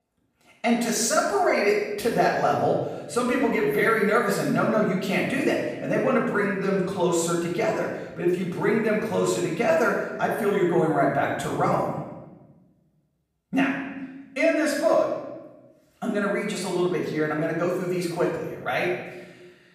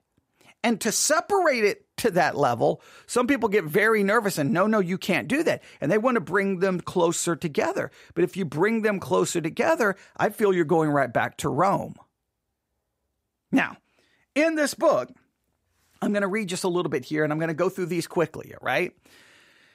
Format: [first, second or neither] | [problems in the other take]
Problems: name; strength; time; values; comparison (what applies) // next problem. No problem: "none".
second | room echo; noticeable; dies away in 1 s // off-mic speech; far